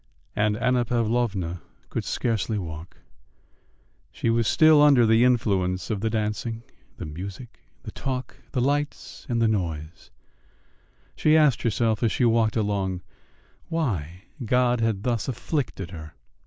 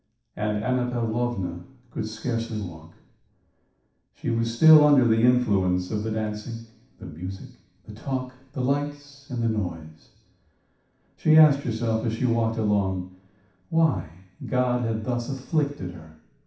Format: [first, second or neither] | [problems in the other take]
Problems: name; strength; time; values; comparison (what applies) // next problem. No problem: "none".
first | room echo; dies away in 0.7 s